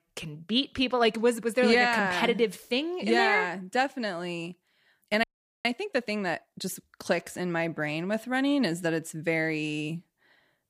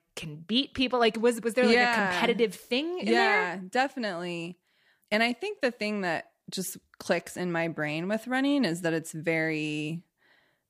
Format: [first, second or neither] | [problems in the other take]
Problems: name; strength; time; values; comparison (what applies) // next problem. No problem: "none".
second | audio freezing; at 5 s